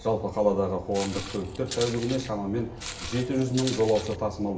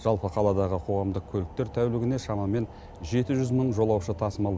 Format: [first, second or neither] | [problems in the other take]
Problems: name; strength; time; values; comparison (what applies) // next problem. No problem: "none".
second | background sound (Walk, footsteps); 11 dB below the speech // room echo; dies away in 1 s